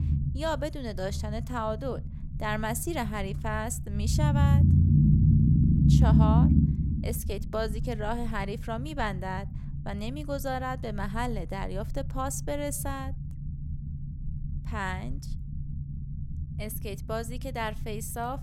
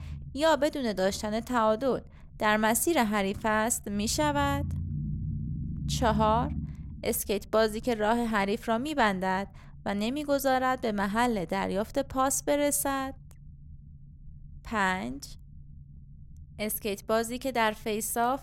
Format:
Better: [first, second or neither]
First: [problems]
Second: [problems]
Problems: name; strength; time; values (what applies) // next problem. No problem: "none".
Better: second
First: low rumble; loud; throughout; 2 dB below the speech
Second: low rumble; faint; throughout; 20 dB below the speech